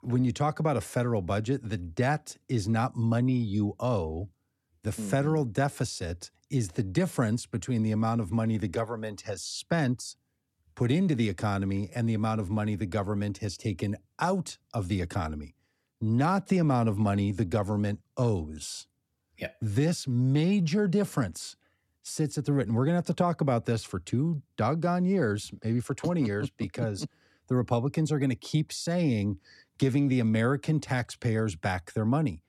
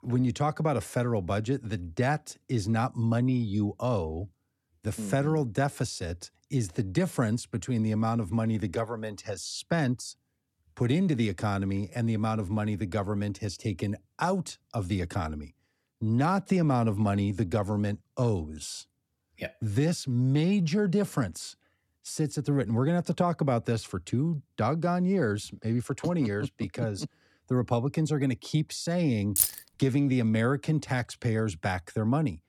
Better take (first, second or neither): first